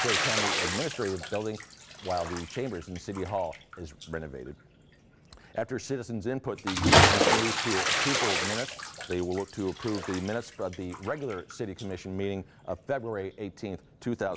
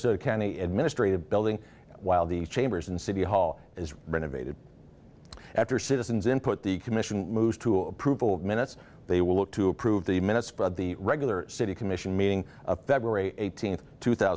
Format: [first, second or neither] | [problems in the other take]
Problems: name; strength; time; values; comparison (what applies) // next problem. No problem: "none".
second | background sound (Bathtub (filling or washing) / Splash, splatter); 3 dB above the speech